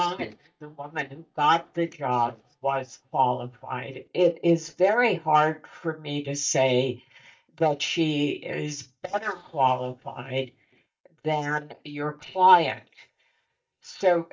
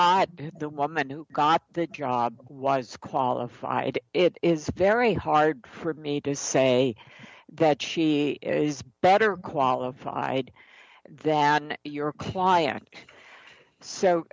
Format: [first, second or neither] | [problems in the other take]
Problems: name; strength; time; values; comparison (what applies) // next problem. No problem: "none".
second | noise reduction (neural mask model DeepFilterNet 3)